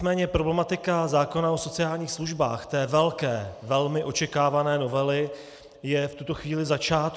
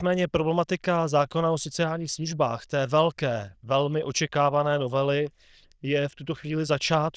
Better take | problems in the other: first | noise reduction (neural diffusion model UNIVERSE++)

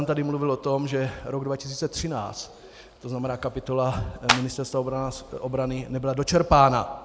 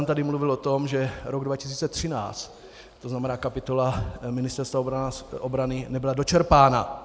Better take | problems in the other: second | background sound (Clapping); 1 dB above the speech

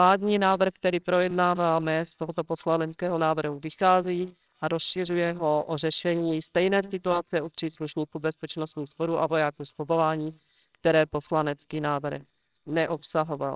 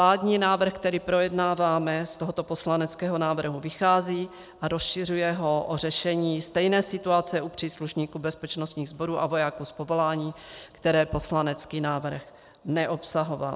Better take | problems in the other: second | noise reduction (neural separator model SepFormer WHAMR!)

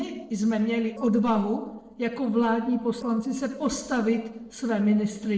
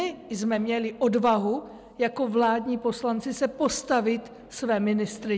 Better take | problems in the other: second | noise reduction (neural separator model SepFormer DNS4)

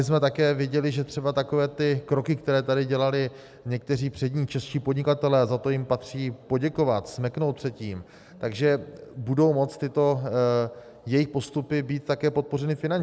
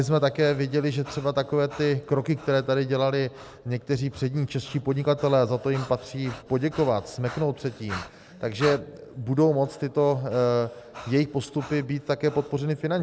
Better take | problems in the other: first | background sound (Breathing); 19 dB below the speech

